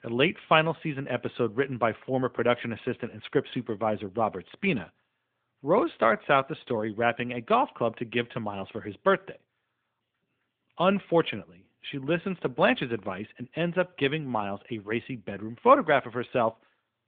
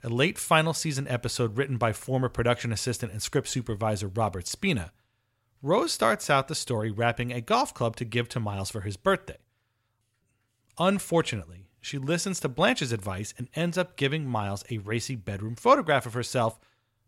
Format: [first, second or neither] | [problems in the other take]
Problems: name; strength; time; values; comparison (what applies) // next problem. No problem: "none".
second | phone-call audio